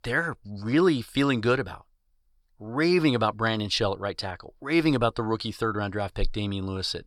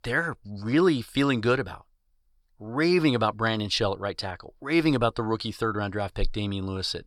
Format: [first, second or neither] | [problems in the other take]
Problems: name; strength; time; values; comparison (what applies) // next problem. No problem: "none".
neither | none